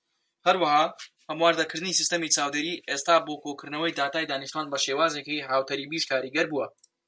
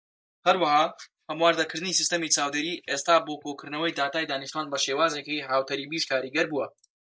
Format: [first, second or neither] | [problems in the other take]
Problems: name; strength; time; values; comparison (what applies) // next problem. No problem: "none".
first | noise reduction (neural mask model Resemble Enhance denoiser)